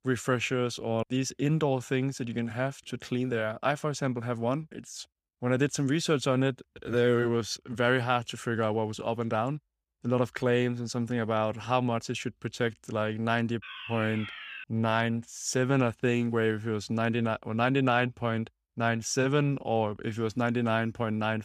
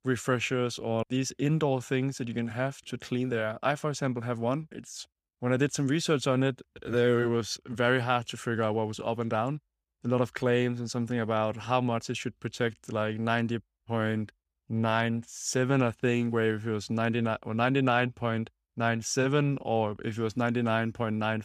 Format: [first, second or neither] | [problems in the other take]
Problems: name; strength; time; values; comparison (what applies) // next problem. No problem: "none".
second | alarm; noticeable; from 14 to 15 s; peak 10 dB below the speech